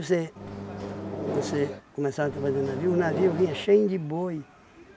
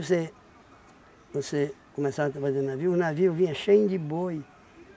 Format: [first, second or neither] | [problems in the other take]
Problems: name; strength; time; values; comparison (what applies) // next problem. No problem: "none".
second | background sound (Microwave oven); 6 dB below the speech